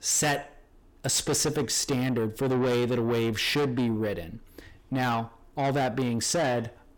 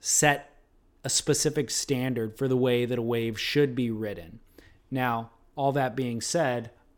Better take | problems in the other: second | distortion; heavy; 7 dB below the speech

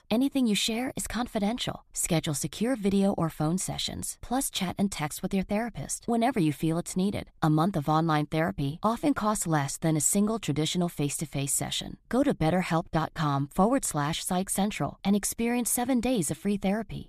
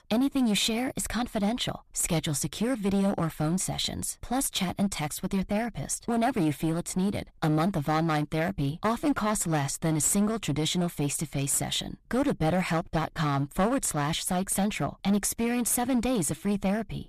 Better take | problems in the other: first | distortion; slight; 8% of the sound clipped

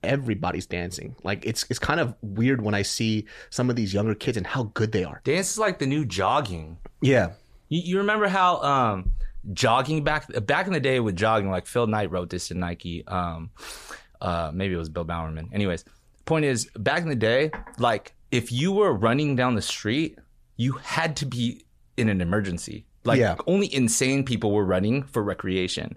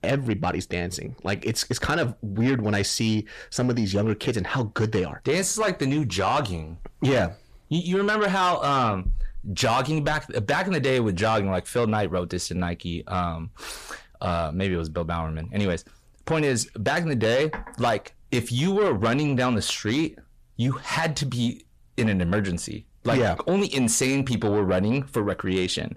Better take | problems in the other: first | distortion; slight; 10 dB below the speech

